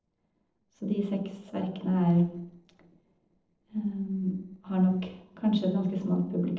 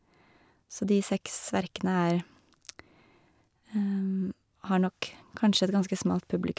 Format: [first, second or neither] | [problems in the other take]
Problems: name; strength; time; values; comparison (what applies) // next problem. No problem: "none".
second | noise reduction (neural separator model SepFormer DNS4)